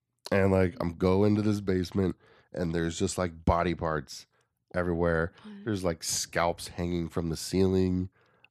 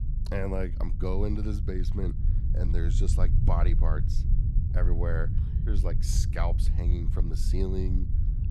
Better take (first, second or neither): first